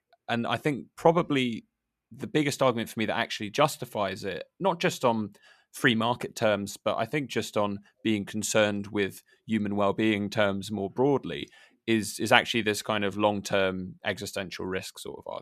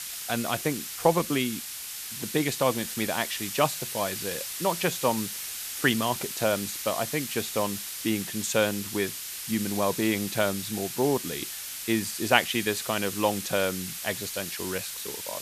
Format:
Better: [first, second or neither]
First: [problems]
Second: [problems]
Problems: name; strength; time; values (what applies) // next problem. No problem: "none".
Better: first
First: none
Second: hiss; loud; throughout; 5 dB below the speech